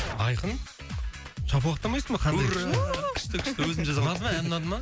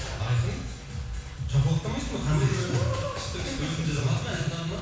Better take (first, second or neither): first